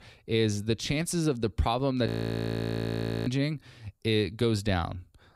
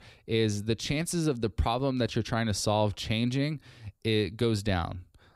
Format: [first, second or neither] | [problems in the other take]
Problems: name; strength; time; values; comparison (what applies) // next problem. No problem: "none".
second | audio freezing; at 2 s for 1 s